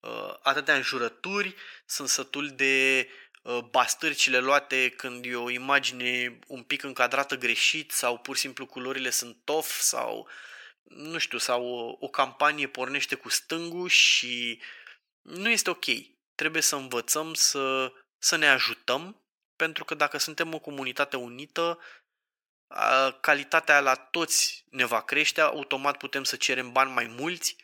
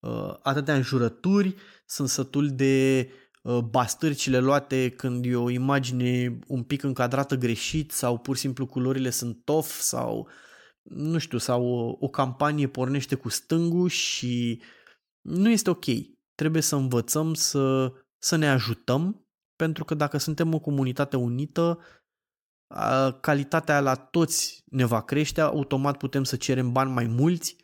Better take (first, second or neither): second